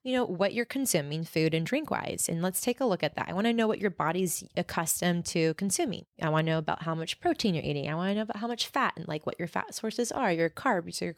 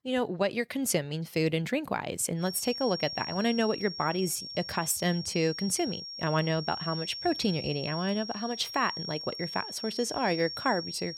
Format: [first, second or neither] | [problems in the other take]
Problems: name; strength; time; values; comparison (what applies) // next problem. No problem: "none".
first | high-pitched whine; loud; from 2.5 s on; 5.5 kHz, 7 dB below the speech